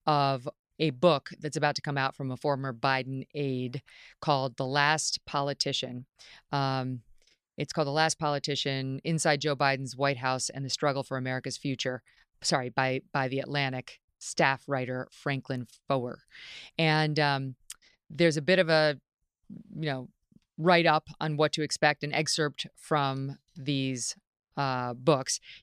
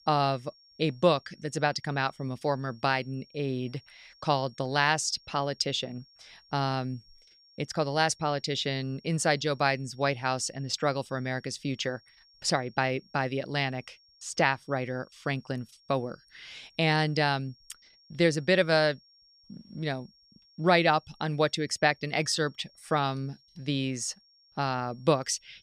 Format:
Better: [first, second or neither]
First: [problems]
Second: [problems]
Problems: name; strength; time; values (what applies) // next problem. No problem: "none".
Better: first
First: none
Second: high-pitched whine; faint; throughout; 5.5 kHz, 30 dB below the speech